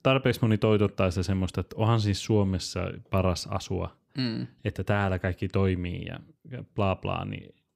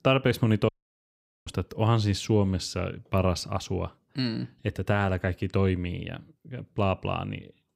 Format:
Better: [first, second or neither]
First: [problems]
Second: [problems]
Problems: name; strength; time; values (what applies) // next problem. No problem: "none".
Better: first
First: none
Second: audio cutting out; at 0.5 s for 1 s